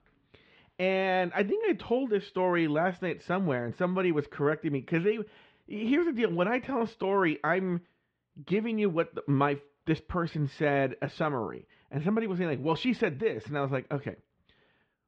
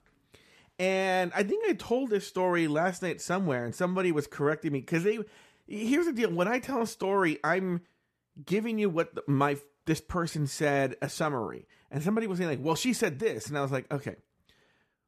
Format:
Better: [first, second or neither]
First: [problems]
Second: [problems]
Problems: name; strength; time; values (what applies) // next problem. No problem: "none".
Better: second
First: muffled; slightly; fading above 3.5 kHz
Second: none